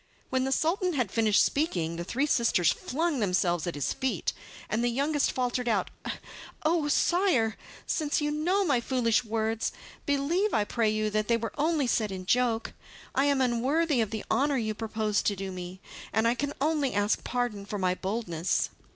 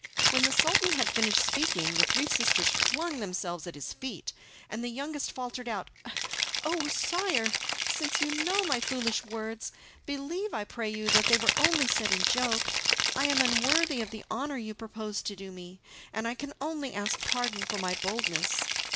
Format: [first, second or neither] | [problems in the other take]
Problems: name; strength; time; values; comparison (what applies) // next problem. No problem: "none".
first | background sound (Rattle (instrument)); 3 dB above the speech